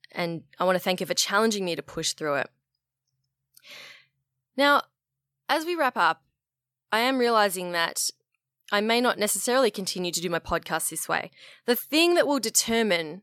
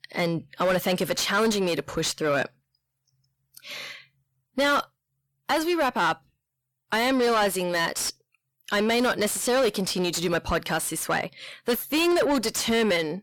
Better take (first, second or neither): first